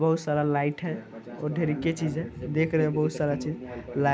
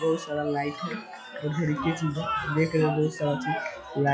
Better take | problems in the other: first | noise reduction (classical method log-MMSE)

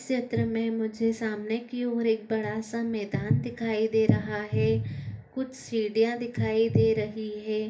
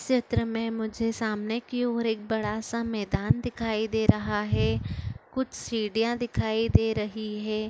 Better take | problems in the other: second | room echo; dies away in 0.3 s

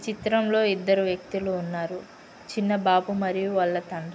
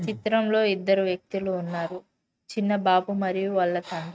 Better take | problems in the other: first | noise reduction (neural mask model RNNoise)

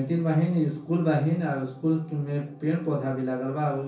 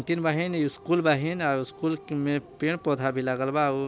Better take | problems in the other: second | room echo; dies away in 0.6 s

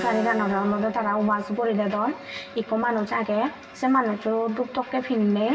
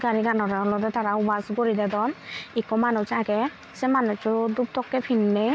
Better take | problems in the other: second | background sound (Keyboard (musical)); 15 dB below the speech // room echo; dies away in 0.7 s

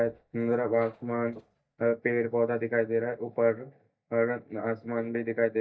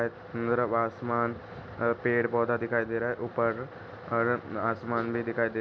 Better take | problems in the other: second | noise reduction (neural mask model DeepFilterNet 3)

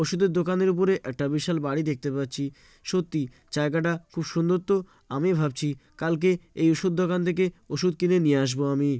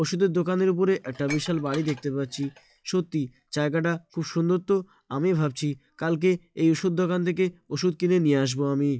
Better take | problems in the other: first | noise reduction (classical method log-MMSE)

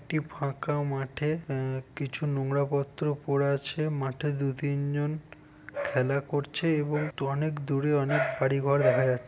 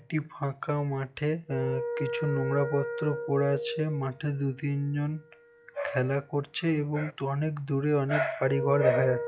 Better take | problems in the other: first | noise reduction (classical method log-MMSE)

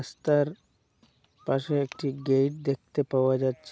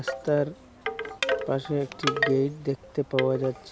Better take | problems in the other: first | background sound (Wind chime / Wood); 4 dB below the speech

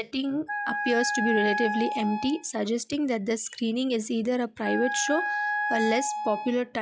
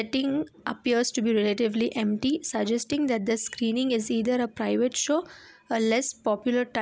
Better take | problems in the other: second | noise reduction (classical method log-MMSE)

